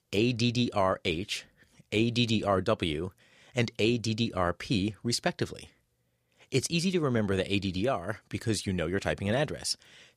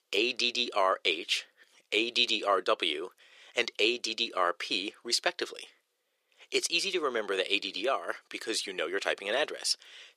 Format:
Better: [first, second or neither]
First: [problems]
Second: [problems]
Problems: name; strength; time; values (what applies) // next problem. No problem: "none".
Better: first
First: none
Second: thin; very; fading below 400 Hz